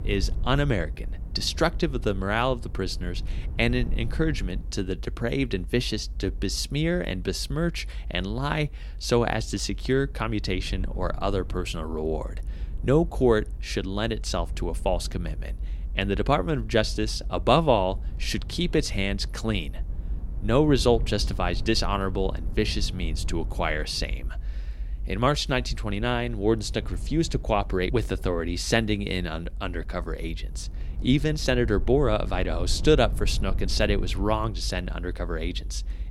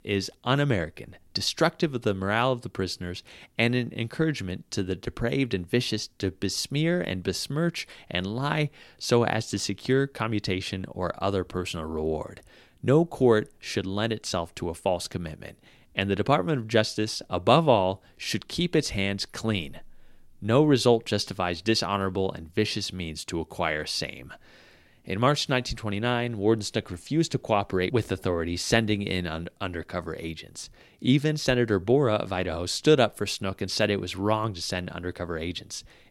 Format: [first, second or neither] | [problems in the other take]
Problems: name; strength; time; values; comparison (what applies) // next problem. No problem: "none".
second | low rumble; faint; throughout; 25 dB below the speech